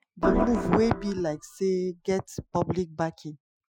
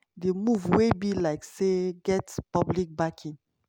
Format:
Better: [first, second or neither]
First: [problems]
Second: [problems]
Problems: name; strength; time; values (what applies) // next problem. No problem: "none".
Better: second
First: noise reduction (classical method Wiener filter)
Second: none